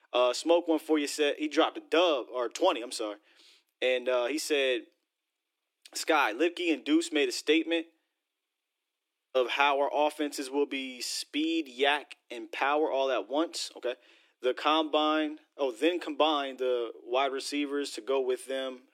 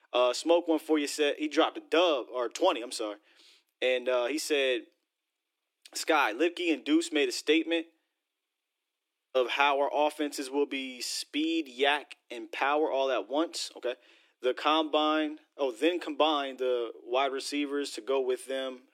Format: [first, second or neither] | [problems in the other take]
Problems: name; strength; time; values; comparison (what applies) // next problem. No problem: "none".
neither | thin; somewhat; fading below 300 Hz; the same in both